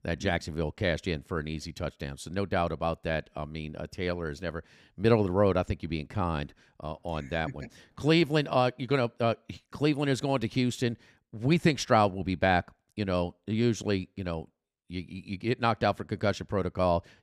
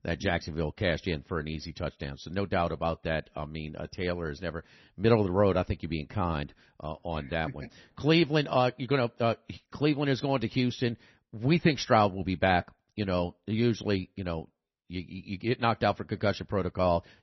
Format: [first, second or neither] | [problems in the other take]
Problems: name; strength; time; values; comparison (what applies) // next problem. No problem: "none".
first | garbled, watery; slightly; nothing above 6 kHz